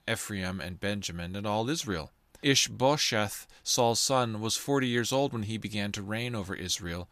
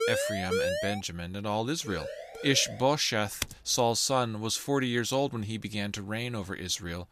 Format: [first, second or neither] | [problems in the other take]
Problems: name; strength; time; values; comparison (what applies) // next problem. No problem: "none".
first | siren; loud; until 1 s; peak level with the speech // siren; faint; at 2 s; peak 10 dB below the speech // keyboard typing; noticeable; at 3.5 s; peak 7 dB below the speech